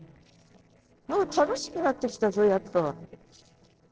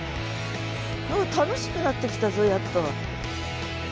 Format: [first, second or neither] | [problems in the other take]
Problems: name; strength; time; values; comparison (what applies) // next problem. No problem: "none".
second | noise reduction (neural separator model SepFormer DNS4)